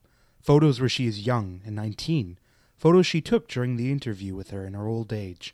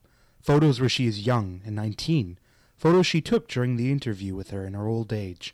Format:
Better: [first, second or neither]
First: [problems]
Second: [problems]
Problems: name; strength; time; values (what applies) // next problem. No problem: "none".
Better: first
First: none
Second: distortion; slight; 3% of the sound clipped